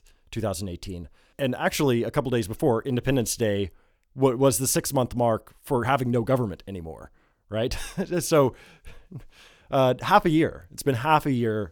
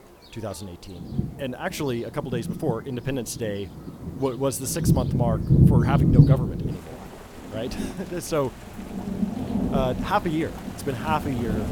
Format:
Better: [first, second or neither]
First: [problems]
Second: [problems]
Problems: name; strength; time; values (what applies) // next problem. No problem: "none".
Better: first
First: none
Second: rain or running water; very loud; throughout; 5 dB above the speech